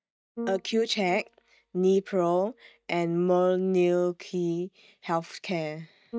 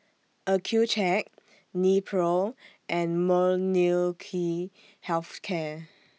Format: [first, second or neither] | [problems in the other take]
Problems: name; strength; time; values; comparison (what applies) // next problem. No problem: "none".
second | noise reduction (neural mask model DeepFilterNet 3)